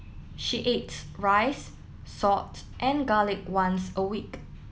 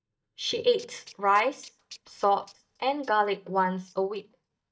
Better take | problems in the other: first | noise reduction (neural mask model DeepFilterNet 3)

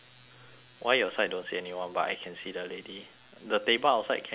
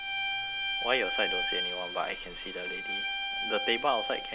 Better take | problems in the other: first | background sound (Bowed string instrument); 1 dB above the speech

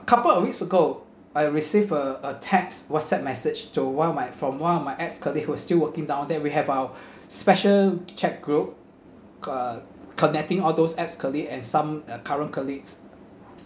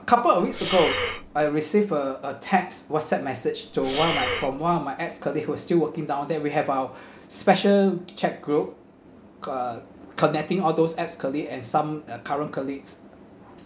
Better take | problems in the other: first | background sound (Breathing); 5 dB below the speech

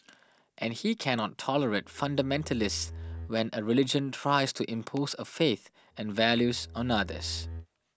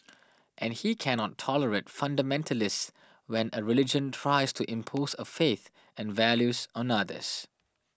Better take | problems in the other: second | background sound (Bowed string instrument); 12 dB below the speech

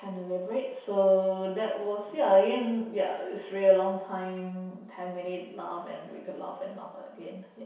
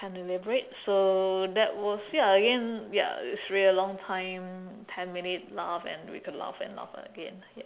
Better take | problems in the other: second | room echo; dies away in 0.7 s

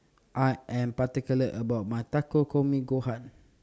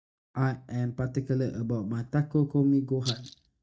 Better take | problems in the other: first | noise reduction (neural mask model DeepFilterNet 3)

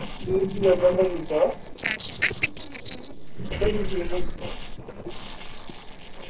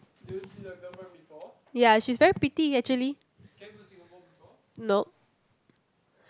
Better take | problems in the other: second | noise reduction (neural separator model SepFormer DNS4)

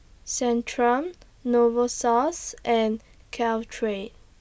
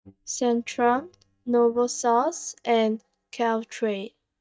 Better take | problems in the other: first | noise reduction (neural mask model DeepFilterNet 3)

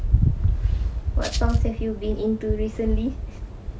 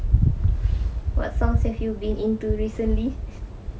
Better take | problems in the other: second | background sound (Rattle (instrument)); 14 dB below the speech

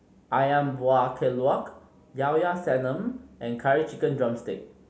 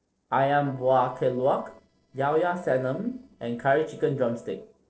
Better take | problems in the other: first | noise reduction (neural separator model SepFormer DNS4)

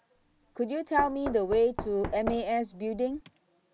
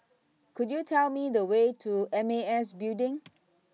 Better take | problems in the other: second | background sound (Knock); 10 dB below the speech

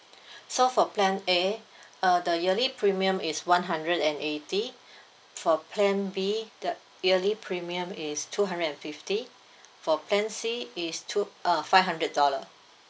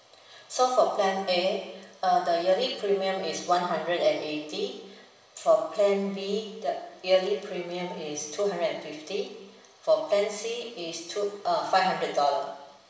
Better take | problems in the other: first | room echo; dies away in 0.9 s

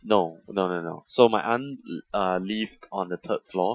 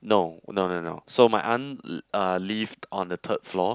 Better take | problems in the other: second | noise reduction (classical method Wiener filter)

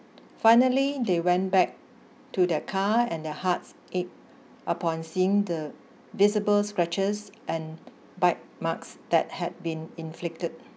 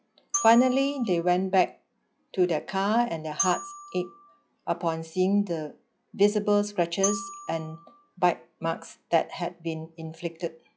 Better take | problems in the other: first | noise reduction (classical method log-MMSE)

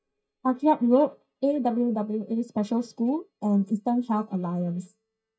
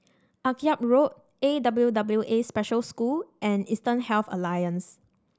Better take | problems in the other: second | noise reduction (neural mask model DeepFilterNet 3)

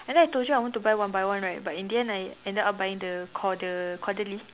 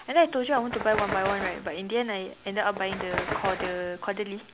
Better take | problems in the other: first | background sound (Bird); 8 dB below the speech

